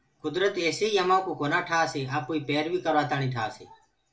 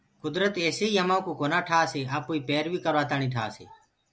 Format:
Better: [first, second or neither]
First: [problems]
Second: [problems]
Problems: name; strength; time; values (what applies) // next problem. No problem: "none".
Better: second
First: room echo; dies away in 0.2 s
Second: none